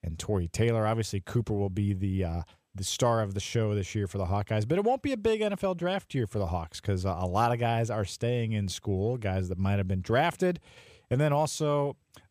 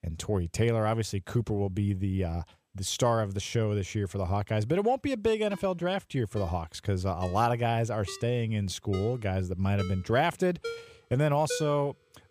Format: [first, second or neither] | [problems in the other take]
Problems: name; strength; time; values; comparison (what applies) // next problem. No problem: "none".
first | phone ringing; noticeable; from 5.5 to 12 s; peak 8 dB below the speech